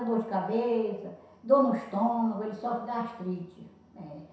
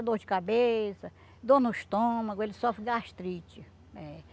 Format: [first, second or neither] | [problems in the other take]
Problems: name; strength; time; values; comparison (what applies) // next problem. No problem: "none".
second | room echo; dies away in 0.7 s